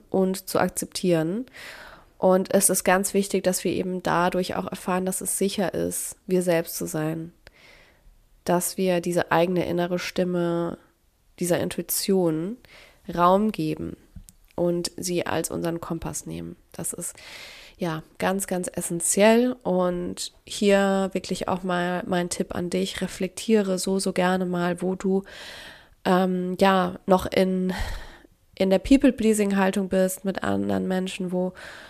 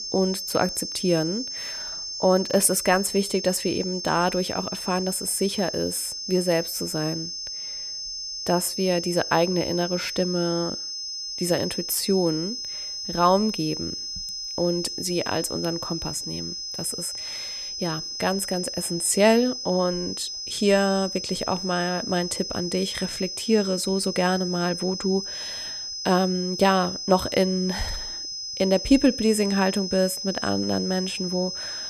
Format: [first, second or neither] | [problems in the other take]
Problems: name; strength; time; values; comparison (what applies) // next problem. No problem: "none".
first | high-pitched whine; loud; throughout; 5 kHz, 6 dB below the speech